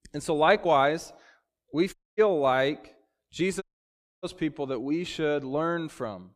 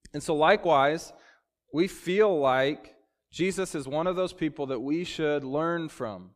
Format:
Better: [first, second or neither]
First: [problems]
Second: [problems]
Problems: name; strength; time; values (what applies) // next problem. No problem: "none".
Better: second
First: audio cutting out; at 2 s and at 3.5 s for 0.5 s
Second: none